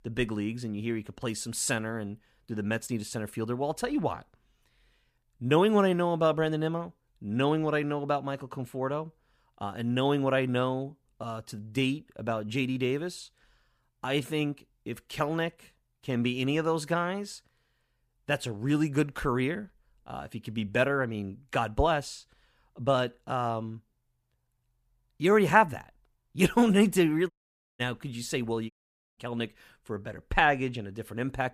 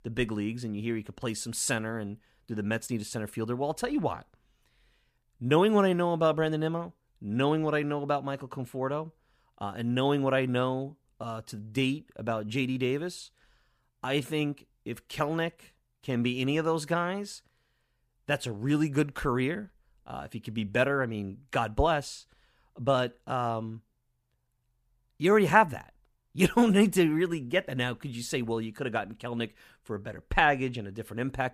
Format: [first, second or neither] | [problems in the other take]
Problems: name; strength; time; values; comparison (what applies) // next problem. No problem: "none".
second | audio cutting out; at 27 s and at 29 s